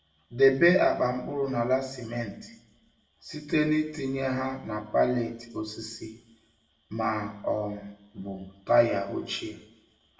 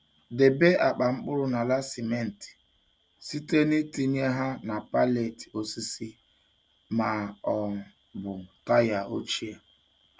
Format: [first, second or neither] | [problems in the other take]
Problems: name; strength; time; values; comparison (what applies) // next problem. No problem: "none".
second | room echo; dies away in 0.6 s